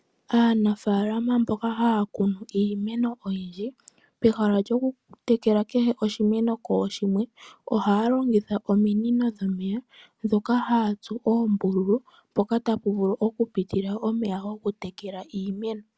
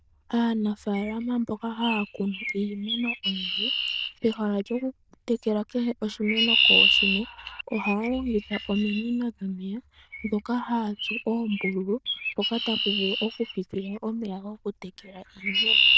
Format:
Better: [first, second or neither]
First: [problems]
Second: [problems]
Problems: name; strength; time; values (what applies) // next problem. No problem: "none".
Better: first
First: none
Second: noise reduction (neural diffusion model UNIVERSE++)